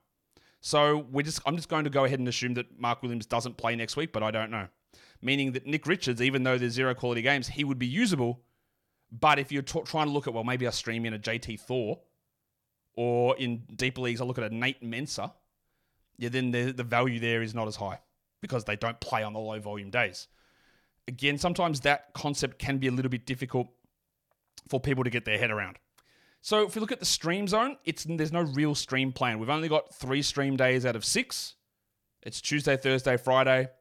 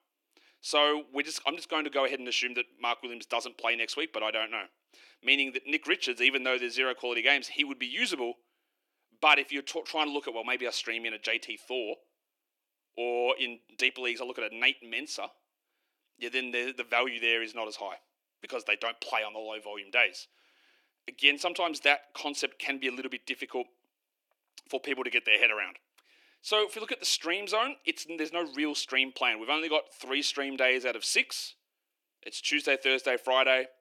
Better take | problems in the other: first | thin; somewhat; fading below 300 Hz

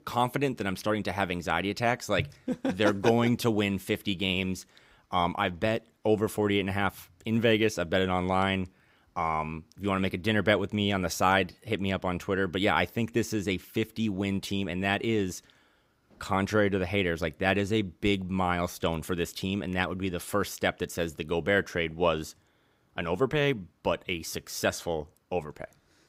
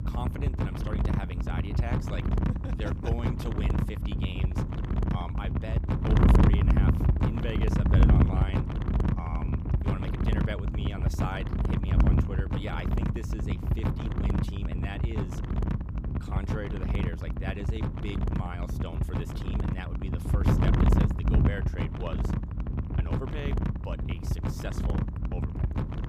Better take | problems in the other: first | wind noise on the microphone; heavy; 3 dB above the speech

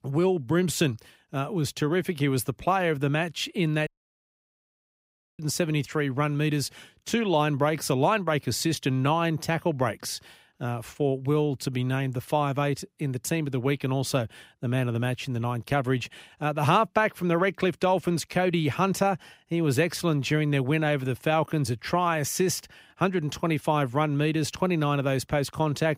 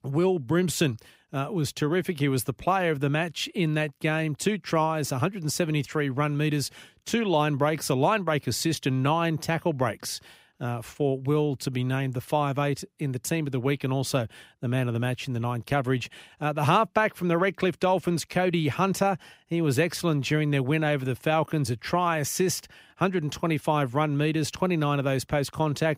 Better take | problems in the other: second | audio cutting out; at 4 s for 1.5 s

